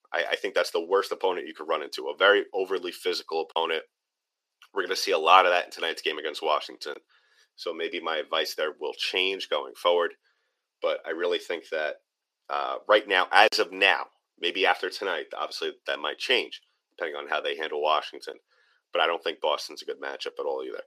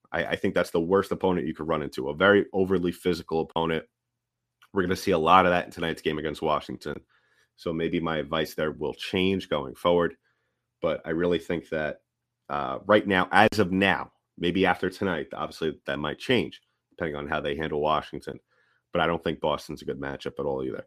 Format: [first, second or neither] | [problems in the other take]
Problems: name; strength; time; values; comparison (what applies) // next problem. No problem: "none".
second | thin; very; fading below 400 Hz